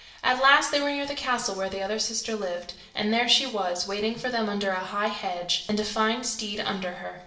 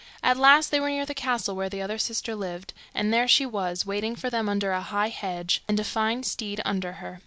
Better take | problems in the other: second | room echo; dies away in 0.8 s

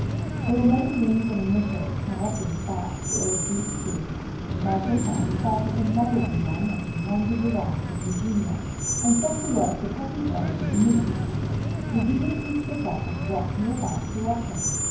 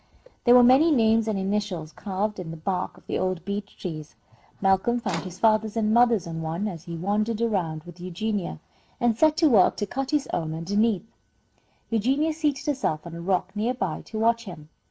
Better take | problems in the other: second | background sound (Screech); 1 dB below the speech // room echo; dies away in 0.9 s

